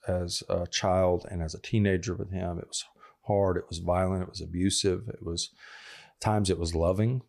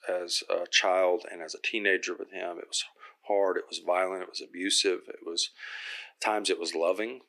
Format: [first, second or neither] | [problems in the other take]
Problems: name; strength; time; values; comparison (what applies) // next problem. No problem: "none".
first | thin; very; fading below 300 Hz